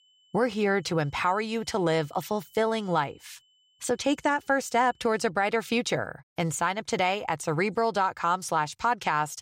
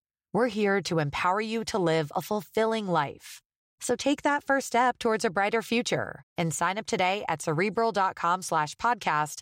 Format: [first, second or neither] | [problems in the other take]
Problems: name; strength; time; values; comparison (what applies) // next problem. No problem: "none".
second | high-pitched whine; faint; until 5.5 s; 3 kHz, 35 dB below the speech